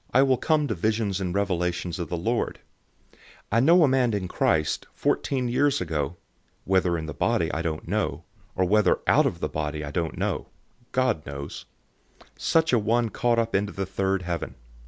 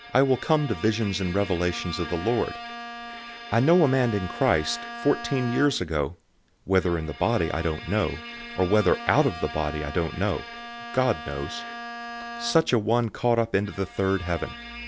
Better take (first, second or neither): first